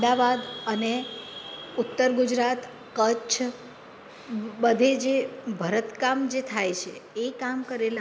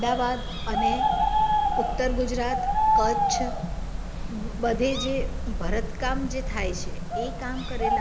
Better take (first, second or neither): first